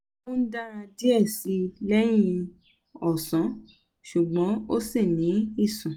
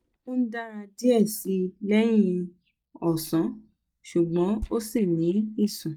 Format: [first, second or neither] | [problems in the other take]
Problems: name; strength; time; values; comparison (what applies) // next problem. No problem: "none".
first | noise reduction (neural mask model DeepFilterNet 3)